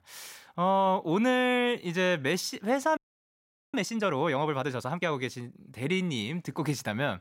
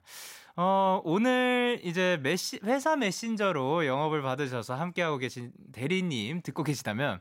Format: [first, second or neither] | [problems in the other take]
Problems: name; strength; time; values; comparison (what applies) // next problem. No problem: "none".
second | audio freezing; at 3 s for 1 s